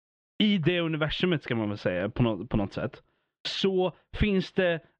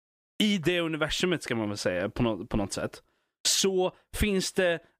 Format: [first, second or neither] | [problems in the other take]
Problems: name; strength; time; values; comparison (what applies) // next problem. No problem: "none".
second | muffled; slightly; fading above 3.5 kHz